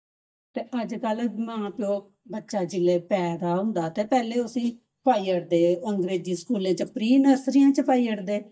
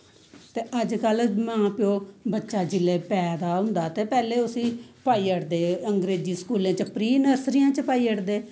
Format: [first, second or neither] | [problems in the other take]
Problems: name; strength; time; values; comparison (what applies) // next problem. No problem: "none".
second | noise reduction (neural mask model DeepFilterNet 3)